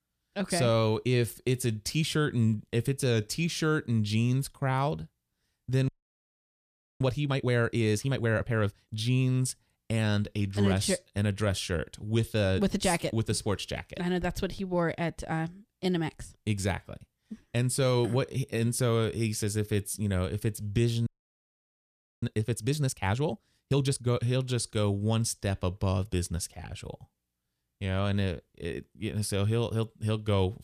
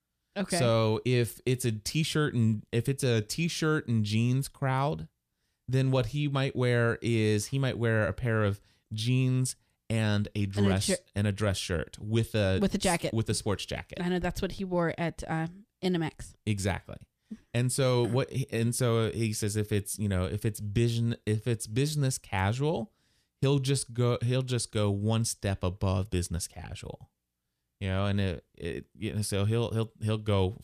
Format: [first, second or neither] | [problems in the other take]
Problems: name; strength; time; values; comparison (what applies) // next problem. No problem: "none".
second | audio freezing; at 6 s for 1 s and at 21 s for 1 s